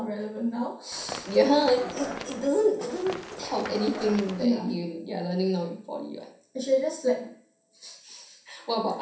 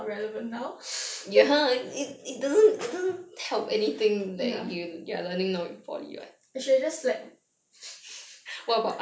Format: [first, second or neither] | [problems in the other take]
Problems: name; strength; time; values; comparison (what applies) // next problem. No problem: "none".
second | background sound (Run); 10 dB below the speech // room echo; dies away in 0.5 s